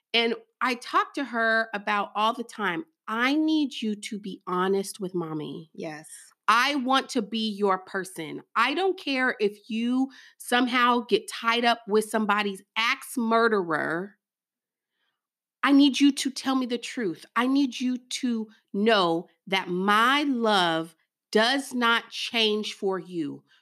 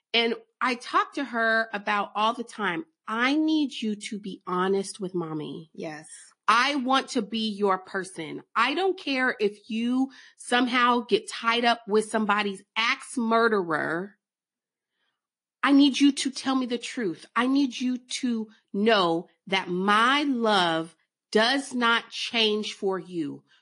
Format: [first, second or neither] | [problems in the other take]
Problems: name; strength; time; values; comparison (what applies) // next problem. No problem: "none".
first | garbled, watery; slightly; nothing above 10.5 kHz